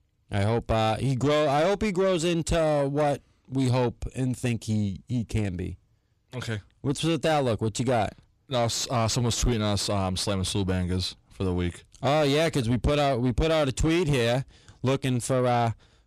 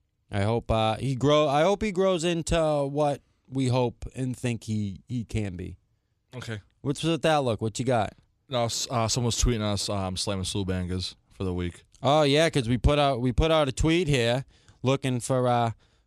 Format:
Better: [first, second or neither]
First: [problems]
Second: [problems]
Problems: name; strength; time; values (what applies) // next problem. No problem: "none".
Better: second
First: distortion; slight; 10 dB below the speech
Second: none